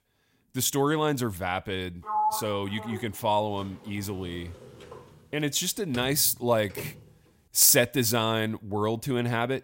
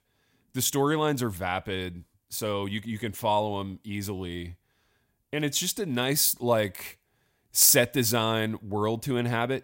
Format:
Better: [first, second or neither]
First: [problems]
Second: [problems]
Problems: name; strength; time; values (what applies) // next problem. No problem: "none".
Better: second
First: door banging; noticeable; from 2 to 7 s; peak 1 dB below the speech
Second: none